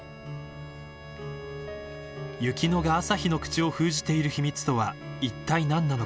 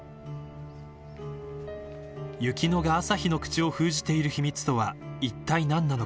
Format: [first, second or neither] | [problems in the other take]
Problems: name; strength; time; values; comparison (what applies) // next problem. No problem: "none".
second | background sound (Bowed string instrument); 20 dB below the speech